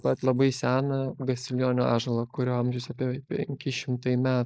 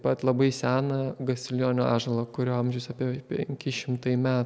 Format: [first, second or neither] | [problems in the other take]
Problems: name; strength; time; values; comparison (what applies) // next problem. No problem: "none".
second | noise reduction (neural mask model Resemble Enhance denoiser)